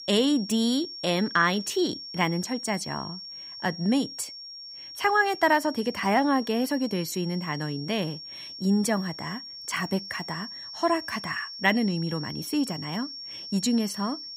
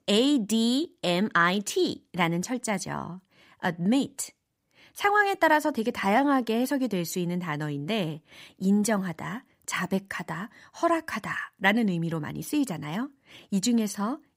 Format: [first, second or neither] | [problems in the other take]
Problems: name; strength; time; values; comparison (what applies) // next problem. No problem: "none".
second | high-pitched whine; noticeable; throughout; 5.5 kHz, 10 dB below the speech